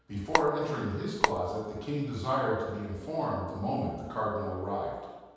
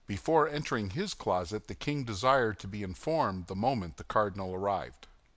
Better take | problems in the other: second | background sound (Telephone); 2 dB above the speech // room echo; dies away in 1.2 s

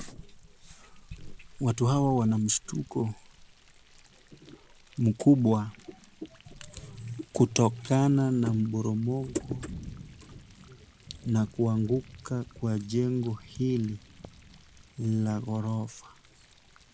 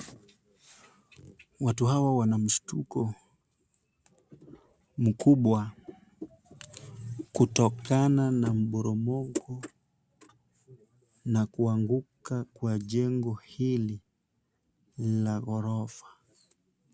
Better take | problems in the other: second | background sound (Thunder); 19 dB below the speech

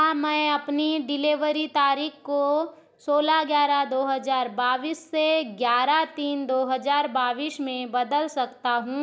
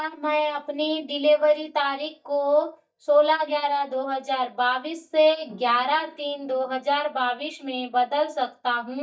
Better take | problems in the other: first | noise reduction (neural mask model DeepFilterNet 3)

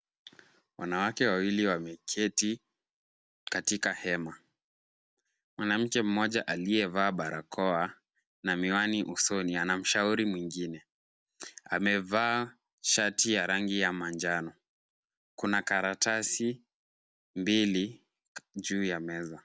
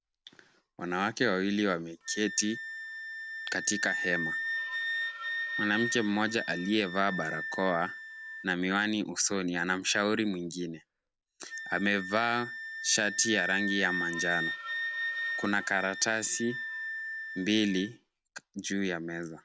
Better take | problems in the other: first | background sound (Wind instrument, woodwind instrument); 6 dB below the speech

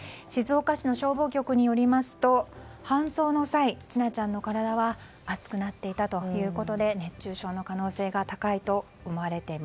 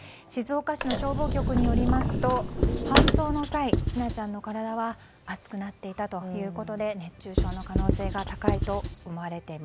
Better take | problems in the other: first | background sound (Sliding door / Slam / Wood + Writing); 5 dB above the speech

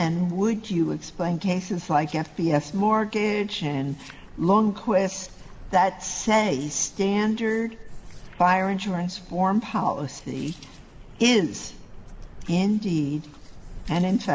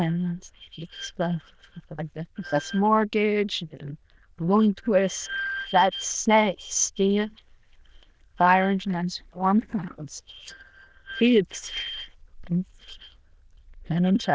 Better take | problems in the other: first | noise reduction (neural diffusion model UNIVERSE++)

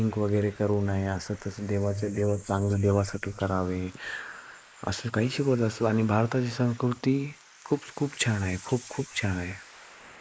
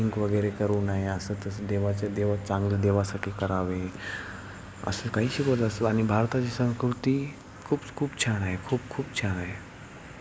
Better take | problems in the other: second | noise reduction (neural mask model Resemble Enhance denoiser)

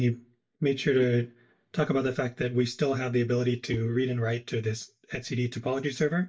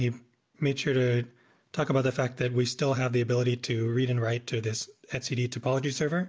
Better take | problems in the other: second | noise reduction (neural mask model DeepFilterNet 3)

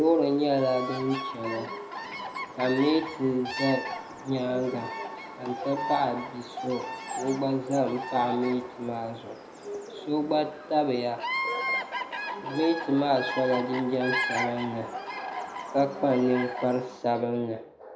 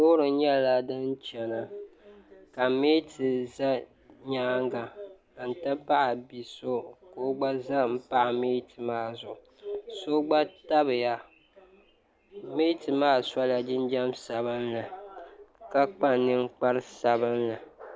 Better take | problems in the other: second | background sound (Bird vocalization, bird call, bird song); 7 dB below the speech // room echo; dies away in 0.5 s

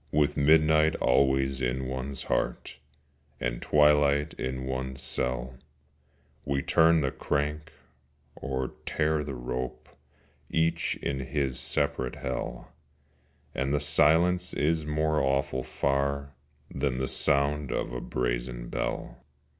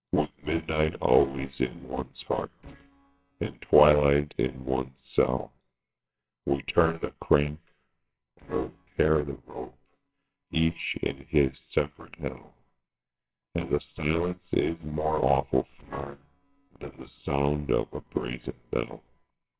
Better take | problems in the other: first | noise reduction (neural separator model SepFormer WHAMR!)

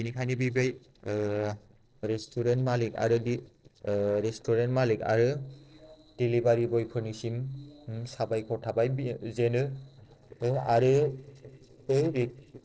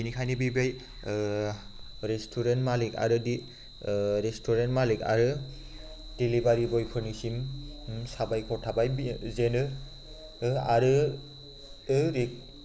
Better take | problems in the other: second | noise reduction (neural separator model SepFormer DNS4)

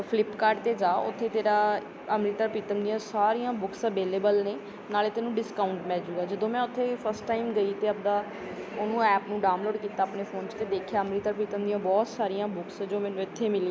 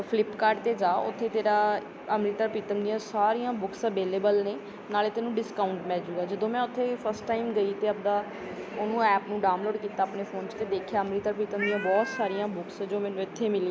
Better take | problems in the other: first | background sound (Cat); 10 dB below the speech

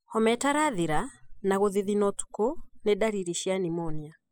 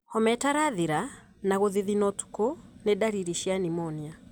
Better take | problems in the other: second | noise reduction (classical method spectral subtraction)

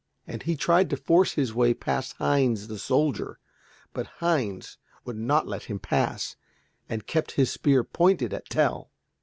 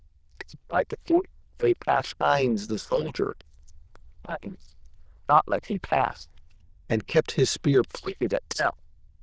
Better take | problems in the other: first | noise reduction (neural diffusion model UNIVERSE++)

